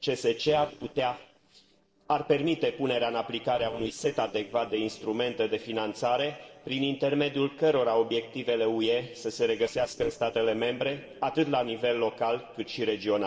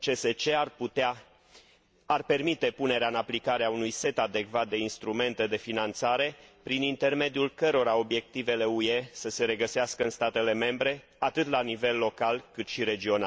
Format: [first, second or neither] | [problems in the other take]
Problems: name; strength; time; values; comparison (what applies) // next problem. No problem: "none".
second | noise reduction (neural separator model SepFormer DNS4)